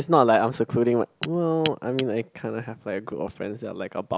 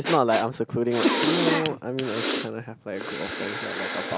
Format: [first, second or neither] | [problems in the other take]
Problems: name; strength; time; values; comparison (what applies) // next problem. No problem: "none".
first | background sound (Cough + Breathing); 1 dB below the speech